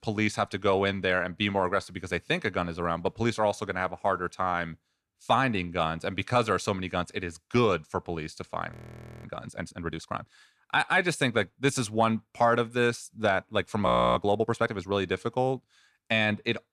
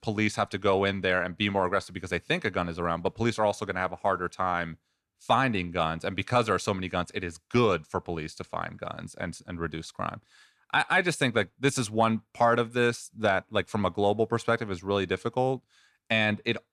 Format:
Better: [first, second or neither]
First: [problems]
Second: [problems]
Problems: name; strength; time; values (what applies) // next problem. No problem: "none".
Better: second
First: audio freezing; at 8.5 s for 0.5 s and at 14 s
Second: none